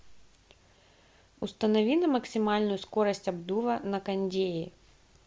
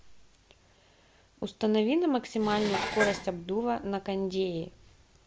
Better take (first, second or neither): first